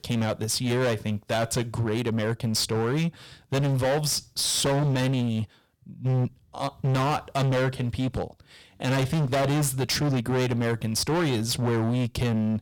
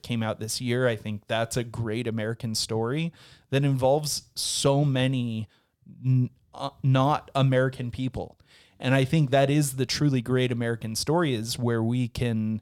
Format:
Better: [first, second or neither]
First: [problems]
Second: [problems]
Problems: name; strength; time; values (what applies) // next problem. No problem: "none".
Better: second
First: distortion; heavy; 24% of the sound clipped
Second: none